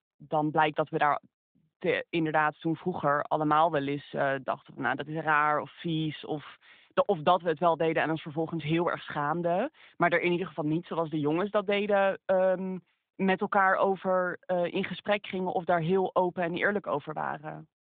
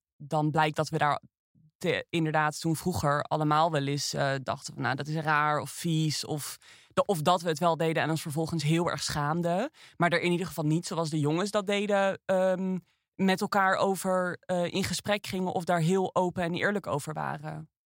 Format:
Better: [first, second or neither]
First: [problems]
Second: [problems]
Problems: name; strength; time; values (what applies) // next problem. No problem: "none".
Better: second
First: phone-call audio; nothing above 3.5 kHz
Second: none